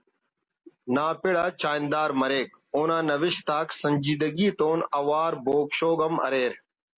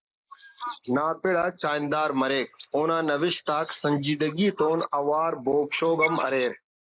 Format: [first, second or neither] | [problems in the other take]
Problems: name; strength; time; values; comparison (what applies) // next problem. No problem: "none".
first | noise reduction (neural mask model Resemble Enhance denoiser)